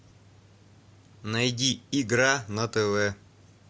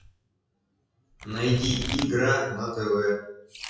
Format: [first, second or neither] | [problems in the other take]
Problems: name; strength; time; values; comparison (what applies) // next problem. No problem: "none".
first | noise reduction (classical method WPE with log-MMSE)